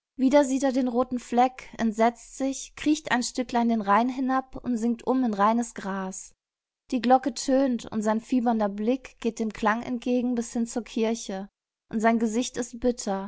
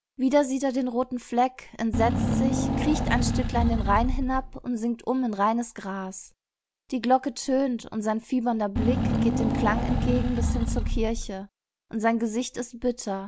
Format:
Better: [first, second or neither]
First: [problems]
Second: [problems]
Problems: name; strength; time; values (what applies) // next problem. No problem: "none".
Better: first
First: none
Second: background sound (Engine / Car); 2 dB above the speech